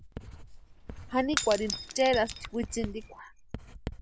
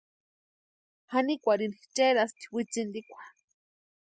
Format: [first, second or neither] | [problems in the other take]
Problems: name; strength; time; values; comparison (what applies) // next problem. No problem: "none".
second | background sound (Shatter / Crushing + Writing); 7 dB below the speech